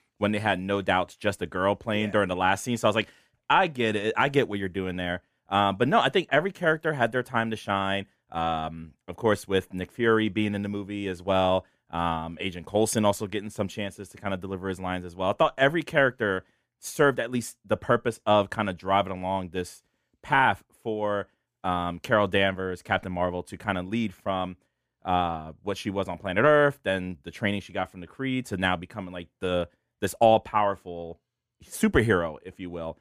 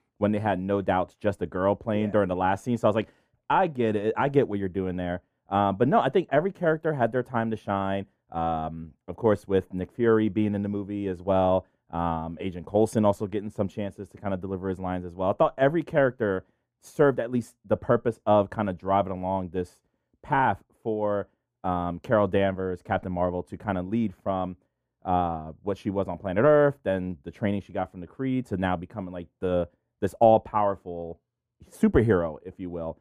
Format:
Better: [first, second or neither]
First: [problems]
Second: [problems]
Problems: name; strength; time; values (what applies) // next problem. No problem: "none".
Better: first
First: none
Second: muffled; slightly; fading above 1.5 kHz